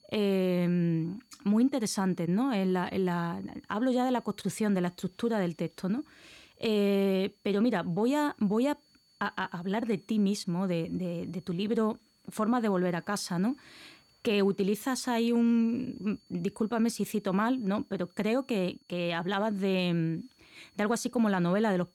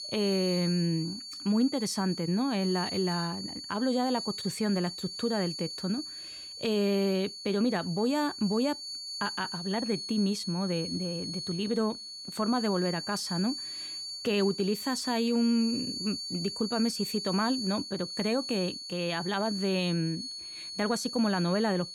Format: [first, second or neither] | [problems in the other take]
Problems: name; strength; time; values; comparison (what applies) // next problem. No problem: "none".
first | high-pitched whine; loud; throughout; 4.5 kHz, 6 dB below the speech; faint in the first